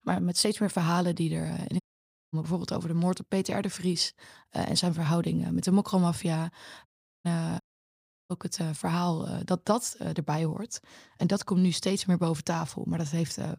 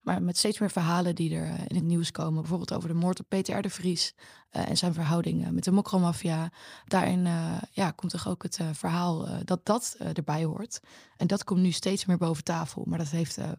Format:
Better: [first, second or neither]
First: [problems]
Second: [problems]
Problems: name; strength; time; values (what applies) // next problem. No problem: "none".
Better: second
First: audio cutting out; at 2 s for 0.5 s, at 7 s and at 7.5 s for 0.5 s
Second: none